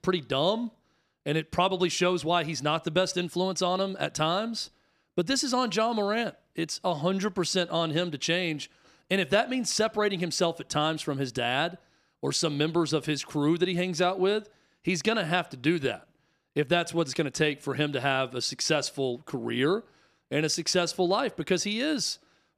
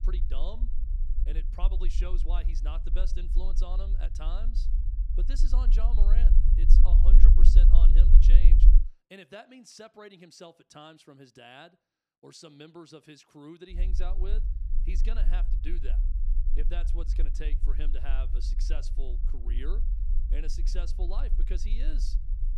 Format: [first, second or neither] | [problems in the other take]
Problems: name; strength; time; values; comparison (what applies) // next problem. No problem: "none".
first | low rumble; loud; until 9 s and from 14 s on; 5 dB below the speech